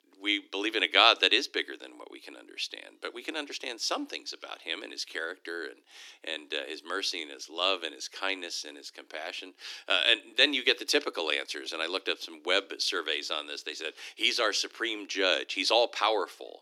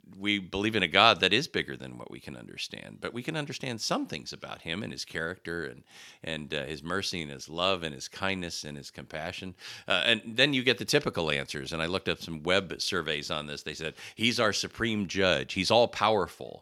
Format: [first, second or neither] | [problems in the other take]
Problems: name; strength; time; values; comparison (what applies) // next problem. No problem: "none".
second | thin; somewhat; fading below 300 Hz